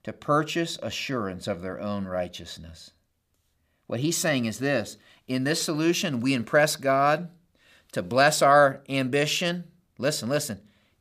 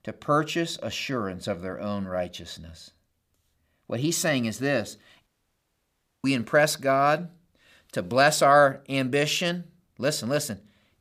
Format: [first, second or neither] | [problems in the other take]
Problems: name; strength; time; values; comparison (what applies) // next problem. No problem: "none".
first | audio cutting out; at 5.5 s for 1 s